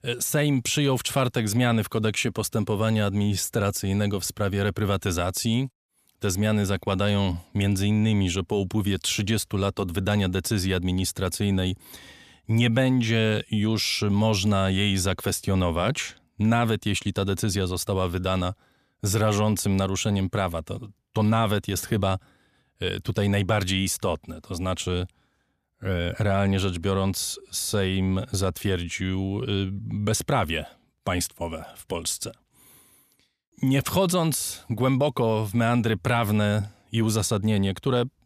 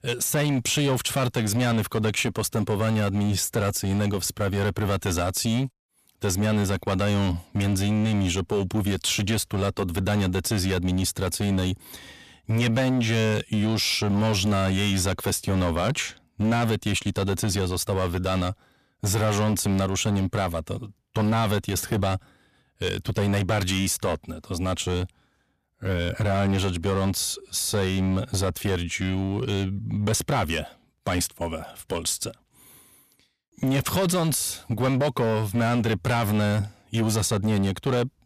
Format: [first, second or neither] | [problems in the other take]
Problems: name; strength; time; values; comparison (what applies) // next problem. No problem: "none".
first | distortion; slight; 13% of the sound clipped